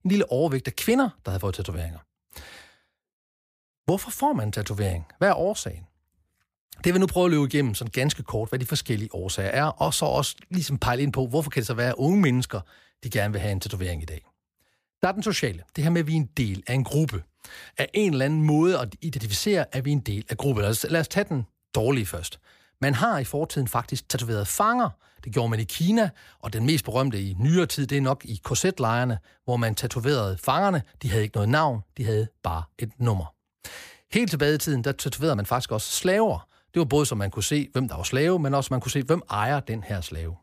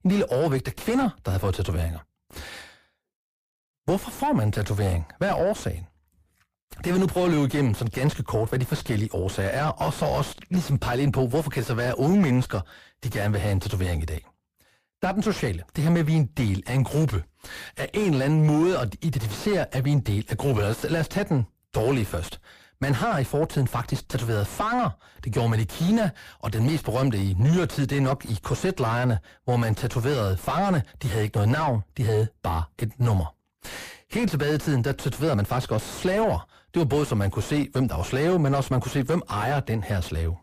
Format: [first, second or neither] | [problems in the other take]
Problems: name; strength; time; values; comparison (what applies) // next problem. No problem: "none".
first | distortion; heavy; 5 dB below the speech